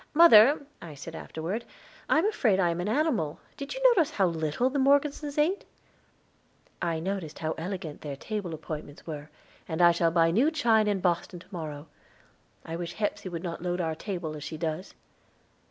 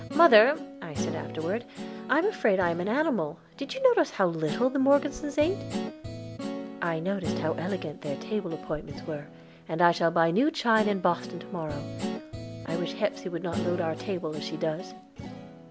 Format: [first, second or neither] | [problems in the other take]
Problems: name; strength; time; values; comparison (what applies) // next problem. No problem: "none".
first | background sound (Guitar); 10 dB below the speech